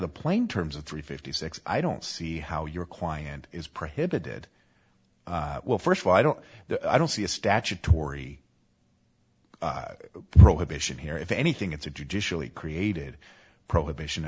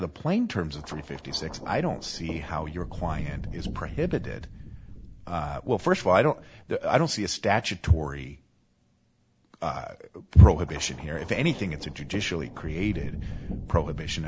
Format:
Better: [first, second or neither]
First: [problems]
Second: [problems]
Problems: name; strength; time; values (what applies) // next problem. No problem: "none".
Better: first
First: none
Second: background sound (Thunder); 13 dB below the speech